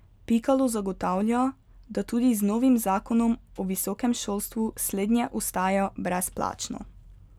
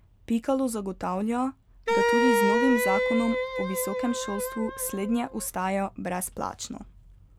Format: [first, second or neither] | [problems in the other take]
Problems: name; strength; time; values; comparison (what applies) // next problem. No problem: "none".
first | background sound (Wind instrument, woodwind instrument); 2 dB above the speech